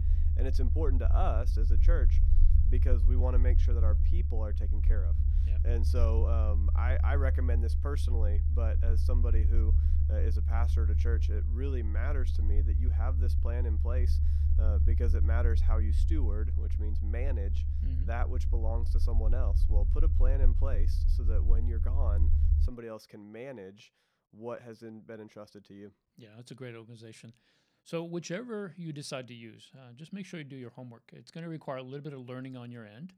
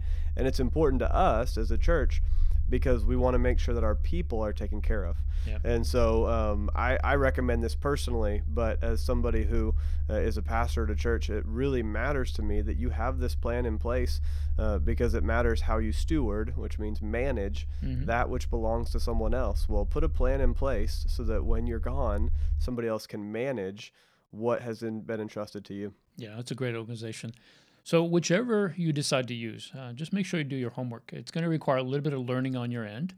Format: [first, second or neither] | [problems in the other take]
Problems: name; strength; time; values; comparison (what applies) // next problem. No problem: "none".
second | low rumble; loud; until 23 s; 6 dB below the speech; faint in the second